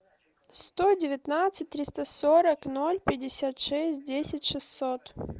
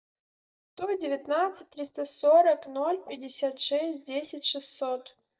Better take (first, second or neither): first